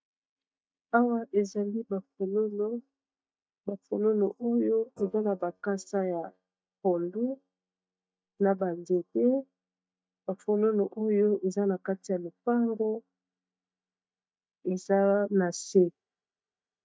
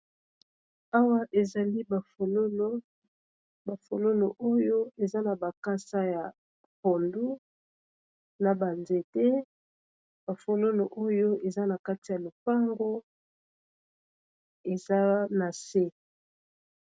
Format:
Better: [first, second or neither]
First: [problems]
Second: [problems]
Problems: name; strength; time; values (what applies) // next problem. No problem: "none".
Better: second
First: noise reduction (neural mask model DeepFilterNet 3)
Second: none